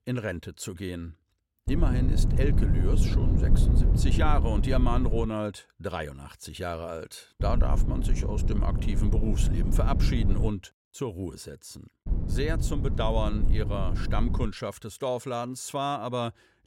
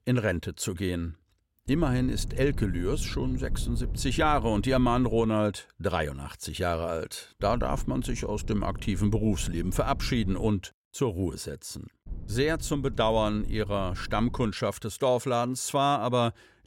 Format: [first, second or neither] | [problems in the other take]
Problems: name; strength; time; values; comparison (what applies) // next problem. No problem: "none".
second | low rumble; loud; from 1.5 to 5.5 s, from 7.5 to 10 s and from 12 to 14 s; 7 dB below the speech; faint in the second